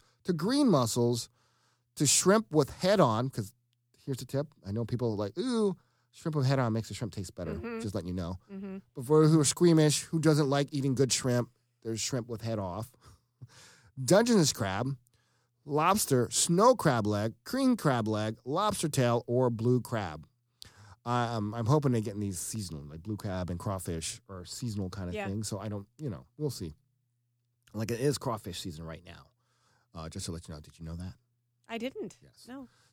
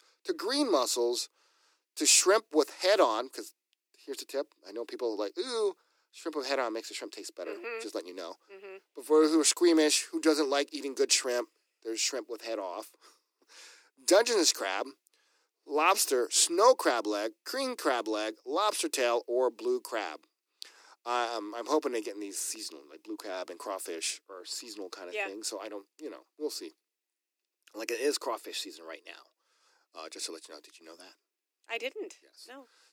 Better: first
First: none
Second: thin; very; fading below 300 Hz

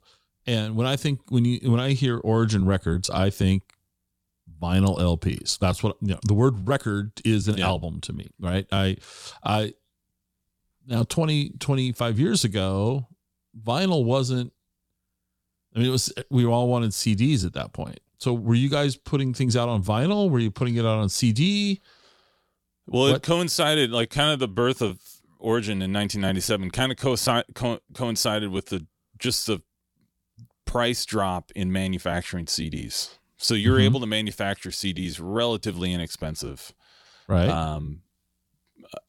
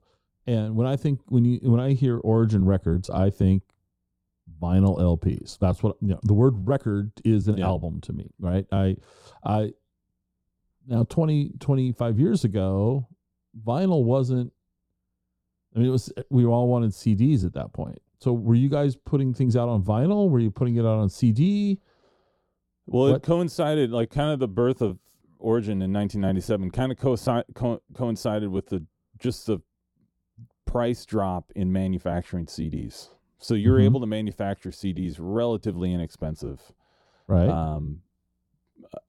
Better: first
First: none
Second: muffled; slightly; fading above 1 kHz

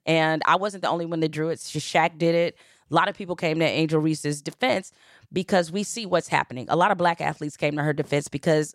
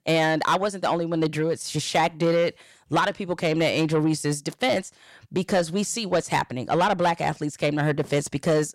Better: first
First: none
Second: distortion; slight; 10 dB below the speech

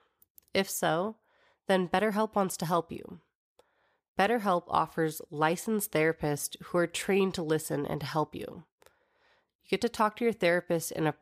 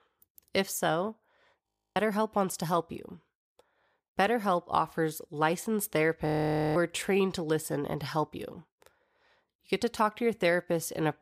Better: first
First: none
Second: audio freezing; at 1.5 s and at 6.5 s

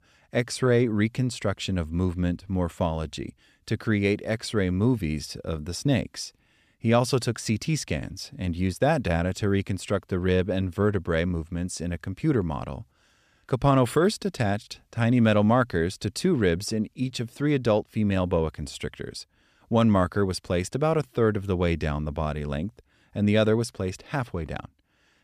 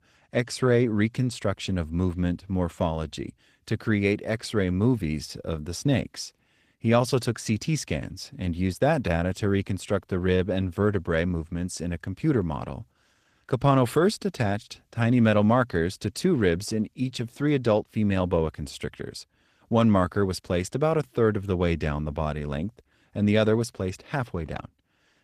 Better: first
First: none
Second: garbled, watery; slightly; nothing above 14.5 kHz

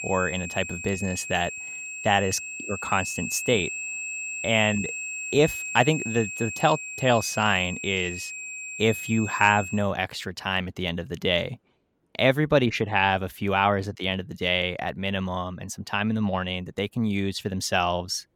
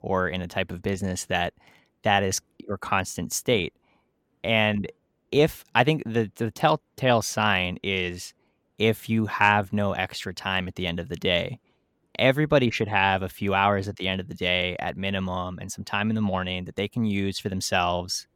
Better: second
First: high-pitched whine; loud; until 10 s; 2.5 kHz, 7 dB below the speech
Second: none

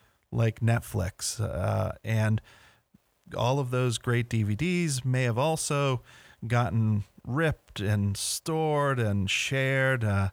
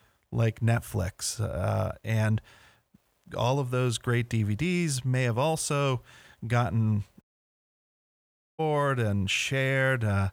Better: first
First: none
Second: audio cutting out; at 7 s for 1.5 s

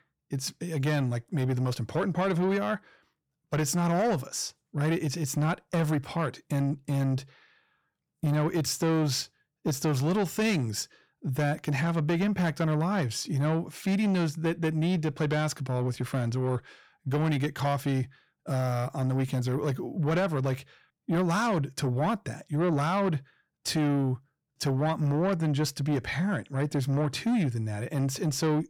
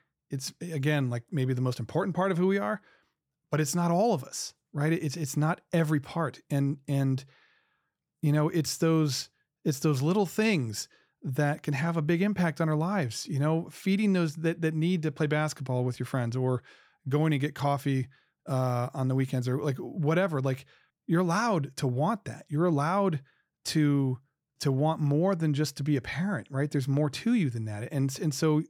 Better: second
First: distortion; slight; 10 dB below the speech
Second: none

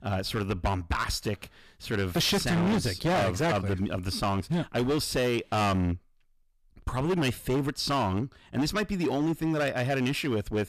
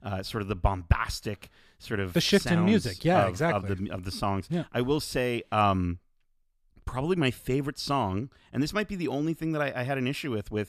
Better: second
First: distortion; heavy; 15% of the sound clipped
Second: none

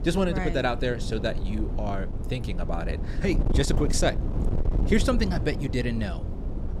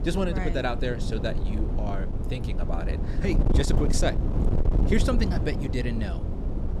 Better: first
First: wind noise on the microphone; occasional gusts; 10 dB below the speech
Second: wind noise on the microphone; heavy; 5 dB below the speech

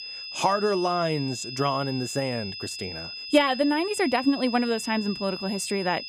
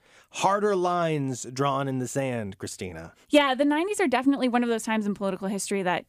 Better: second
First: high-pitched whine; loud; throughout; 5 kHz, 8 dB below the speech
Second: none

